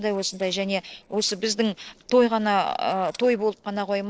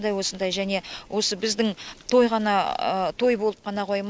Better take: second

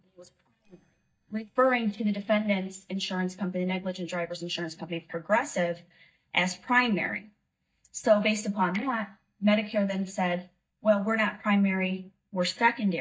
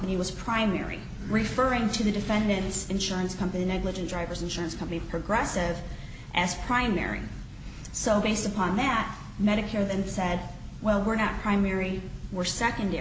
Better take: second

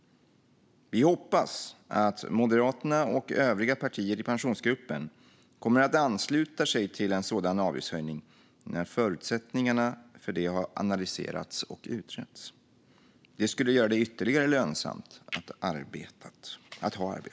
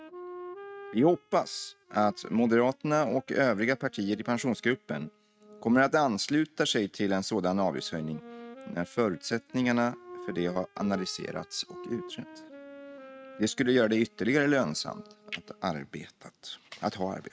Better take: first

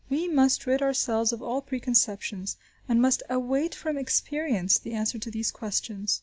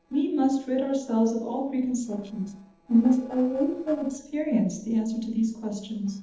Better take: first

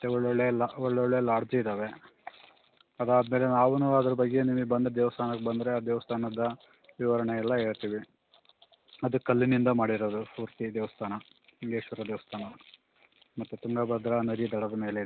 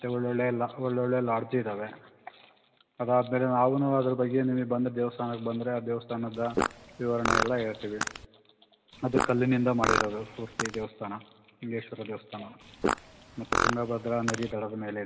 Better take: first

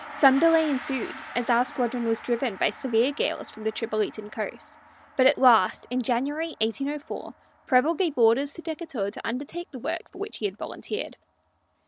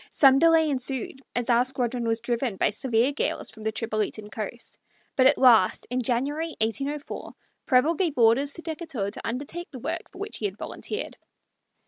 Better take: second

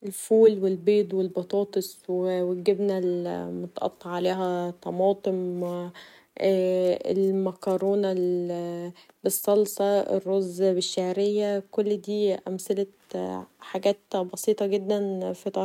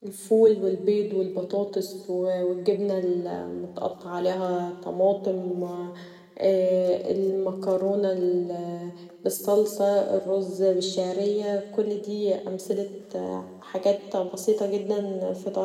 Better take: first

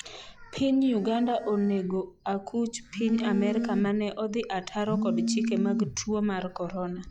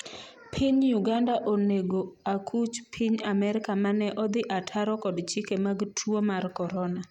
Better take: second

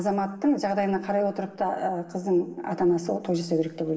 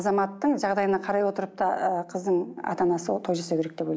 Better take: second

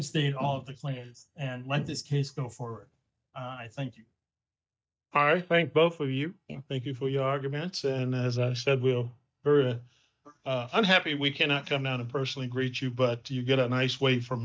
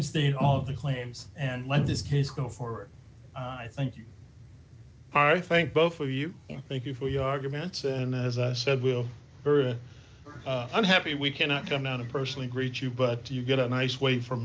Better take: second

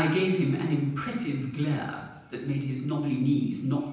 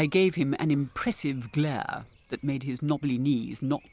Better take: second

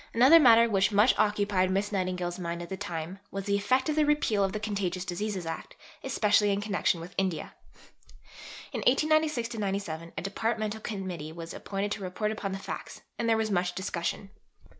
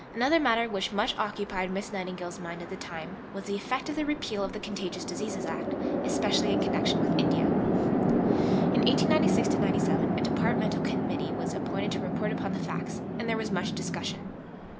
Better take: first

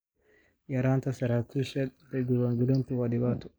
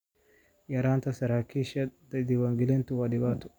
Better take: second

